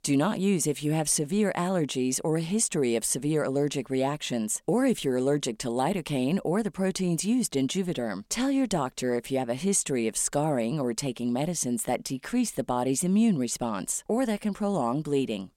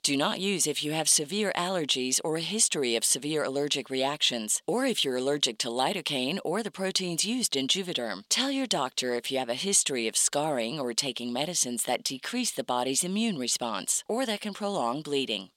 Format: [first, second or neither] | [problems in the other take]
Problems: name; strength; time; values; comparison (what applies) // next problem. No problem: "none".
first | thin; very slightly; fading below 1 kHz